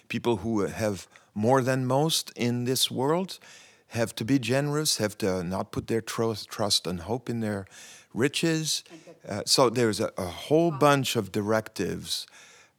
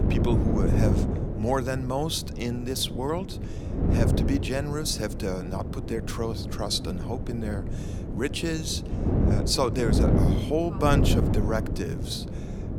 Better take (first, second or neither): first